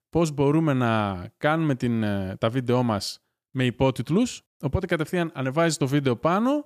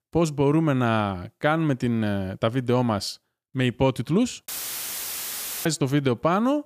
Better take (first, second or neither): first